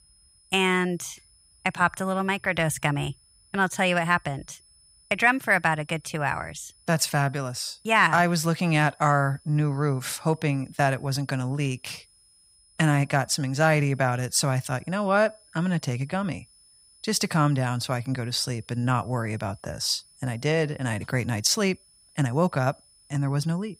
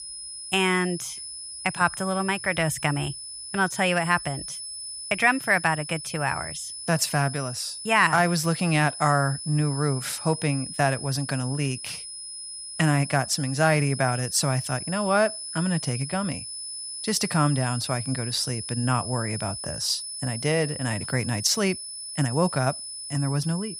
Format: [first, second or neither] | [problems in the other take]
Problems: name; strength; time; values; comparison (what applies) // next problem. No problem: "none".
first | high-pitched whine; loud; throughout; 10 kHz, 8 dB below the speech; faint in the first